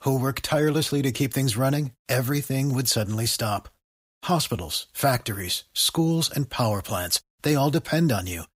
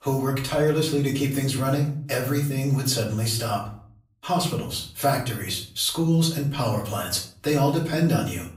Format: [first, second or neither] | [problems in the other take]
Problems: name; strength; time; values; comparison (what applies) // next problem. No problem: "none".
first | off-mic speech; far // room echo; slight; dies away in 0.4 s